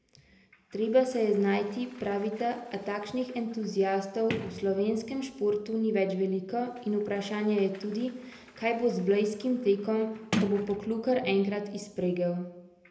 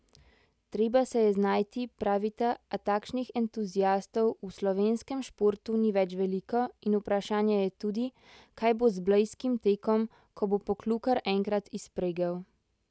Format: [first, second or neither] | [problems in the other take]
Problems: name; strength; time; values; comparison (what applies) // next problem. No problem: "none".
second | background sound (Sliding door); 14 dB below the speech // room echo; dies away in 0.7 s